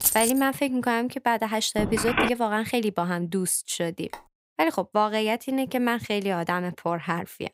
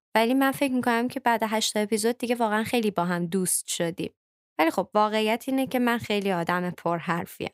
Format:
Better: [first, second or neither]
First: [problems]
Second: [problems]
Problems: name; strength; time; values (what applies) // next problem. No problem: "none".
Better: second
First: jangling keys; loud; at the start; peak 4 dB above the speech // phone ringing; loud; at 2 s; peak 1 dB above the speech // phone ringing; faint; at 4 s; peak 20 dB below the speech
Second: none